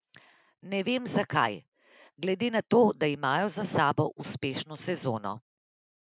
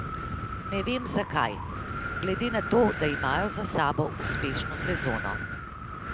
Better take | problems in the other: first | background sound (Wind); 3 dB below the speech

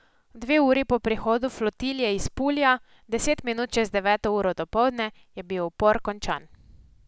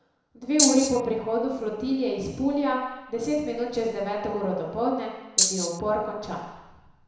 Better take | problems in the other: first | background sound (Rattle (instrument)); 4 dB above the speech // room echo; dies away in 1 s

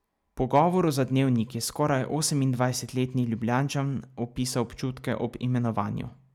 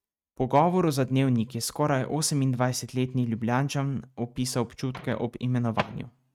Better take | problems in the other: first | noise reduction (neural mask model RNNoise)

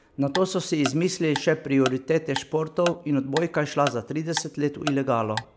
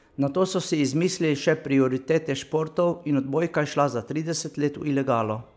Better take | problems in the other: second | background sound (Tick-tock); 12 dB below the speech

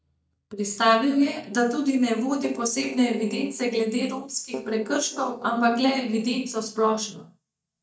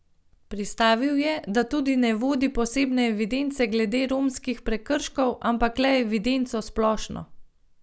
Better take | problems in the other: second | noise reduction (neural mask model DeepFilterNet 3)

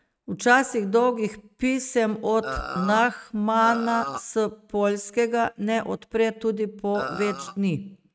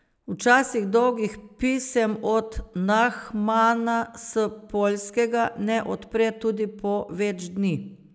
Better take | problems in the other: second | noise reduction (neural mask model RNNoise)

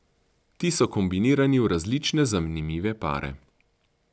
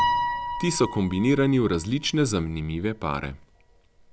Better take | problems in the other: first | background sound (Piano); 7 dB below the speech

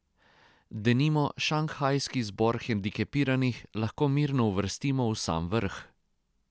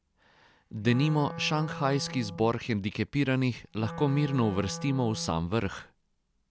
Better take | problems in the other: first | background sound (Wind instrument, woodwind instrument); 12 dB below the speech

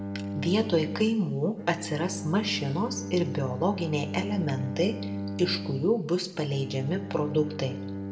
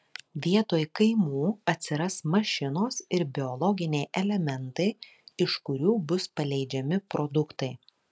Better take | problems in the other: second | background sound (Bowed string instrument); 7 dB below the speech // room echo; dies away in 0.7 s

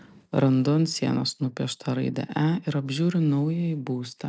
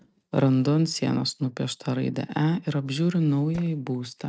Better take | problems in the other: first | noise reduction (neural mask model RNNoise)

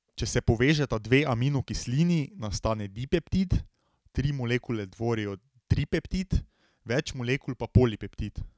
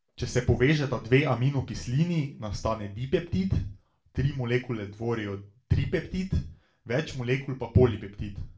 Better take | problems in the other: first | room echo; dies away in 0.3 s

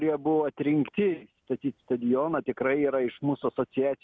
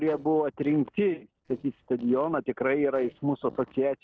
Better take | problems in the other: first | noise reduction (neural separator model SepFormer DNS4)

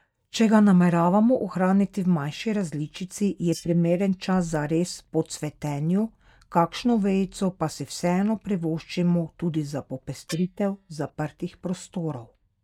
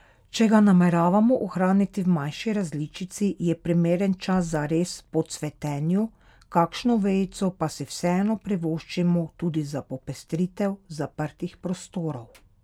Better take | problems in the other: second | noise reduction (neural mask model DeepFilterNet 3)

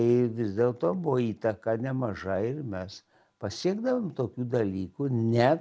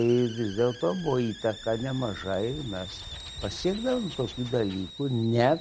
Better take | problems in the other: first | background sound (Hiss + Wild animals); 15 dB below the speech

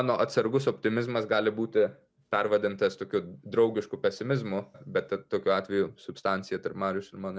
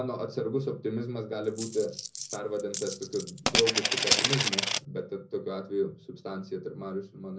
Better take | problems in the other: first | background sound (Coin (dropping)); 3 dB above the speech // room echo; dies away in 0.4 s

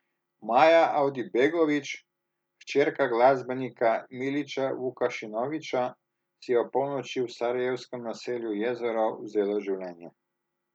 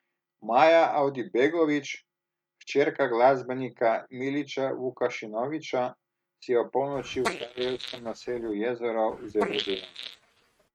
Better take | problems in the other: first | noise reduction (neural mask model RNNoise)

